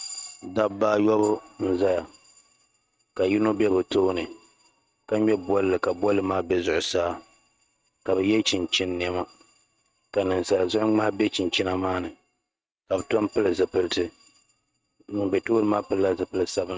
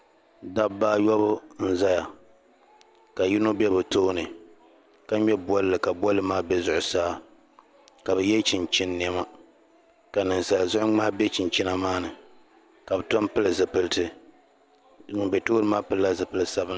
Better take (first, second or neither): second